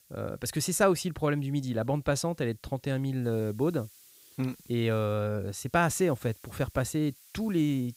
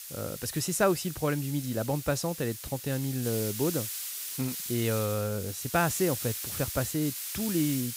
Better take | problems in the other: first | hiss; loud; throughout; 5 dB below the speech; faint in the first

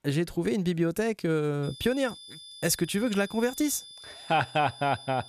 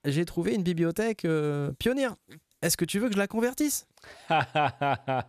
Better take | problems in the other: second | high-pitched whine; noticeable; from 1.5 s on; 3.5 kHz, 15 dB below the speech

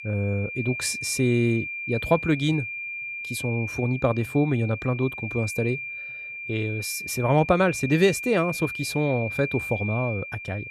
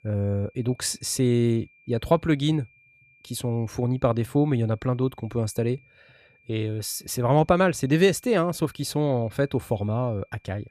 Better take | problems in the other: second | high-pitched whine; loud; throughout; 2.5 kHz, 7 dB below the speech; faint in the second

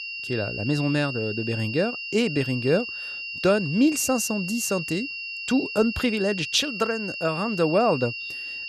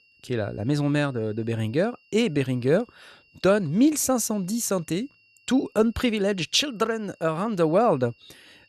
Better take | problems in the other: second | high-pitched whine; loud; throughout; 3 kHz, 6 dB below the speech; faint in the second

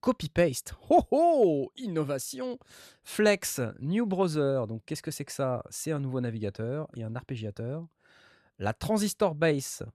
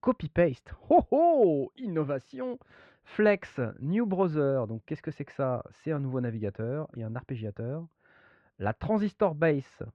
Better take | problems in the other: first | muffled; very; fading above 2.5 kHz

